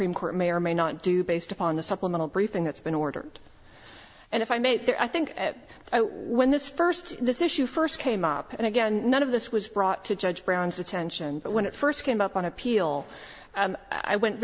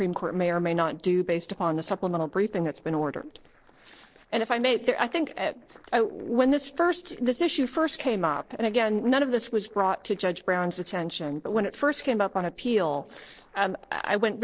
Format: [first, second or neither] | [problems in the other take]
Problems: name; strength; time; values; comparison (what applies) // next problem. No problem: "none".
first | noise reduction (neural separator model SepFormer DNS4)